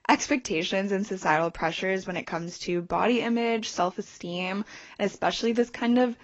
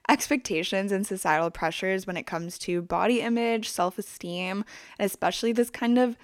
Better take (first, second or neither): second